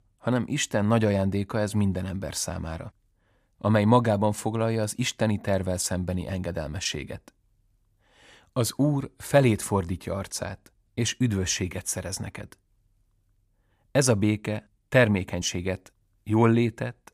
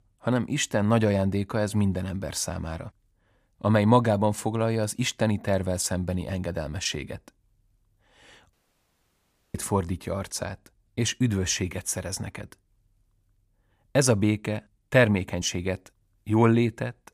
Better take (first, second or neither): first